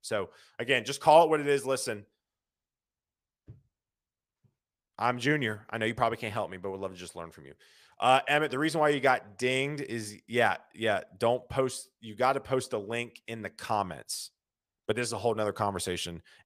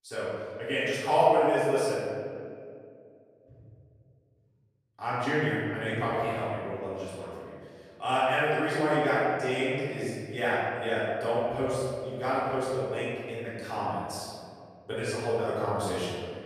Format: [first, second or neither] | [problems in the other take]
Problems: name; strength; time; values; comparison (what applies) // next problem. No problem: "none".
first | room echo; strong; dies away in 2.3 s // off-mic speech; far